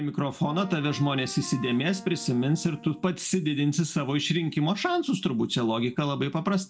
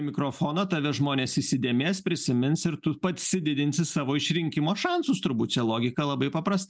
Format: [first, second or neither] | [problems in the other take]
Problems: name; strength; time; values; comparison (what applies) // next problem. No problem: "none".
second | background sound (Wind instrument, woodwind instrument); 18 dB below the speech // room echo; dies away in 0.3 s